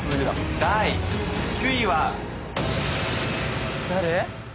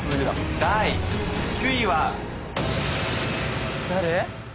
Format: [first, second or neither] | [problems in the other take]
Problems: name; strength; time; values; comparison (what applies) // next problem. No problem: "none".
first | background sound (Boom); 19 dB below the speech